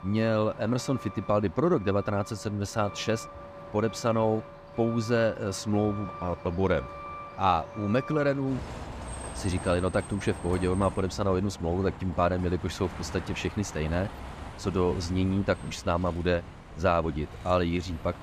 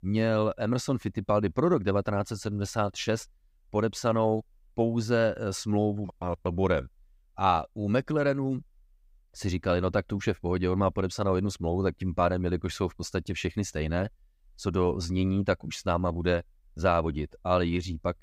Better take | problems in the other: second | traffic noise; noticeable; throughout; 15 dB below the speech

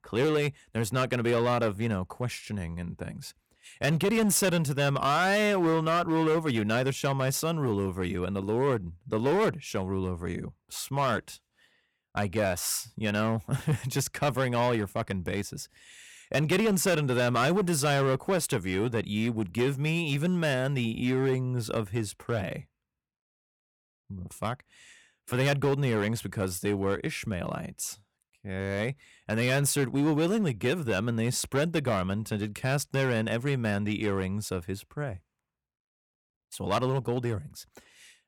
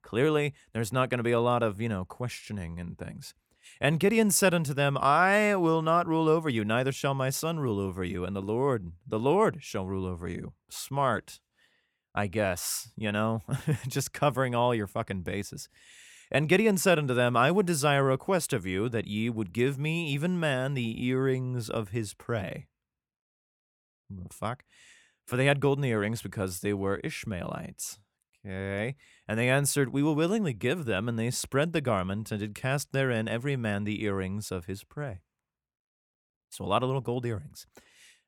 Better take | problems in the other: second | distortion; slight; 7% of the sound clipped

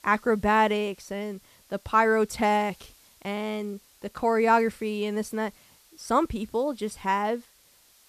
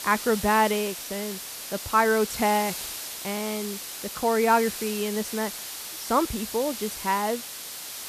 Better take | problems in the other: first | hiss; loud; throughout; 8 dB below the speech; faint in the first

